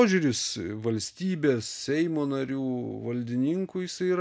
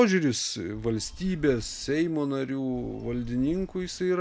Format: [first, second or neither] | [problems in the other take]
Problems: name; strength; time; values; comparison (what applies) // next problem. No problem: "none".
first | background sound (Telephone); 17 dB below the speech